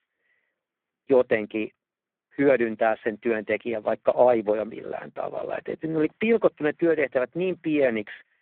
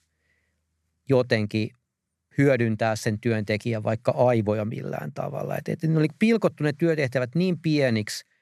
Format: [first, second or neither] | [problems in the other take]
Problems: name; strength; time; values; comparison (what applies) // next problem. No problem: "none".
second | phone-call audio; poor line